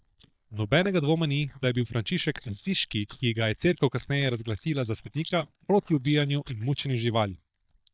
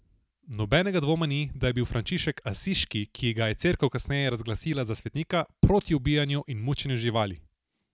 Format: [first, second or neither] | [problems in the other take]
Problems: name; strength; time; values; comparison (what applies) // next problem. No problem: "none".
second | noise reduction (neural mask model DeepFilterNet 3)